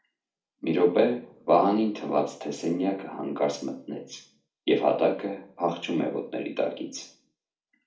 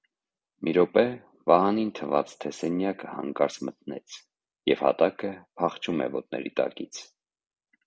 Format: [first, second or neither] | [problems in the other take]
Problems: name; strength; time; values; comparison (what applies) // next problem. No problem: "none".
second | room echo; dies away in 0.4 s